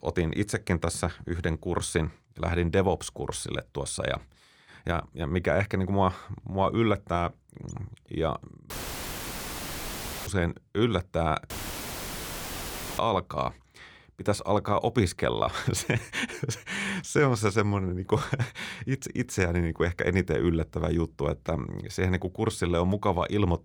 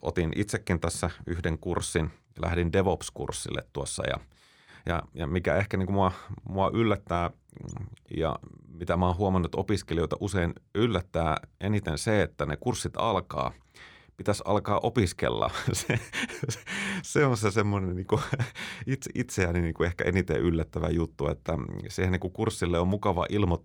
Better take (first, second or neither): second